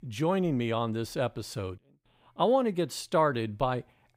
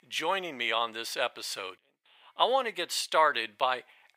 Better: first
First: none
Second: thin; very; fading below 800 Hz

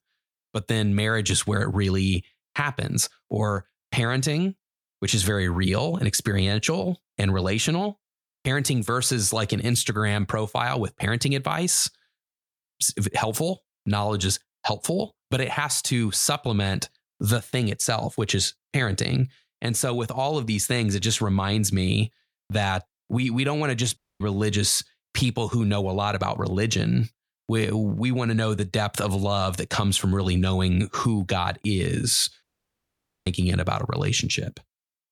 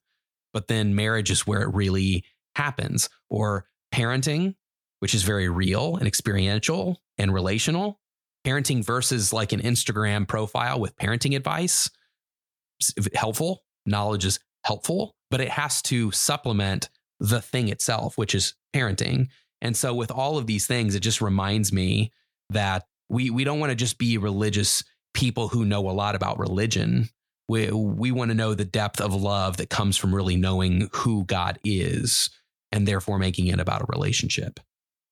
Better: second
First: audio cutting out; at 24 s and at 32 s for 1 s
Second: none

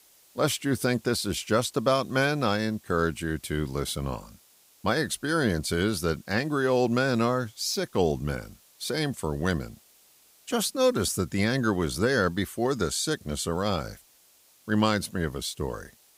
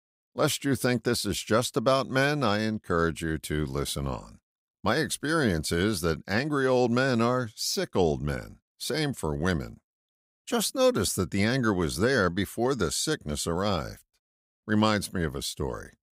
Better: second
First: hiss; faint; throughout; 30 dB below the speech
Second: none

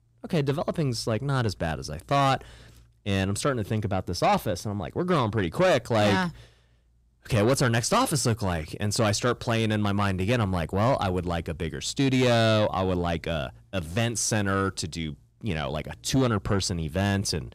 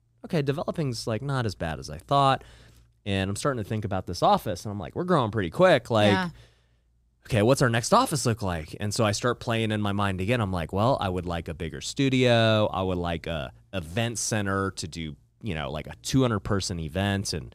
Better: second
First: distortion; slight; 10 dB below the speech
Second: none

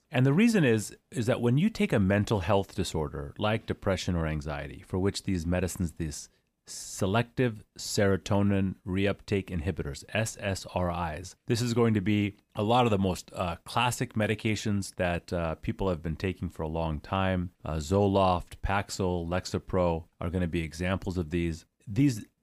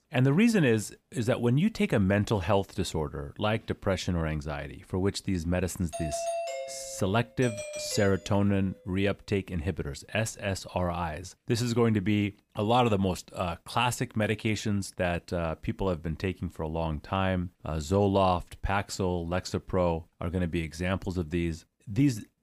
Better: first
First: none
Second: doorbell; noticeable; from 6 to 8 s; peak 3 dB below the speech

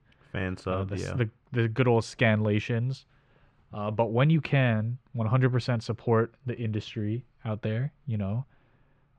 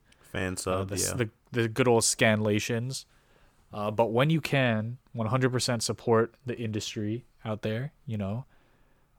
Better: second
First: muffled; slightly; fading above 2.5 kHz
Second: none

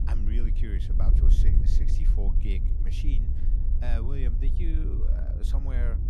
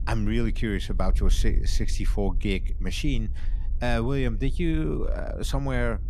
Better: second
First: wind noise on the microphone; heavy; 2 dB below the speech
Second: wind noise on the microphone; occasional gusts; 20 dB below the speech

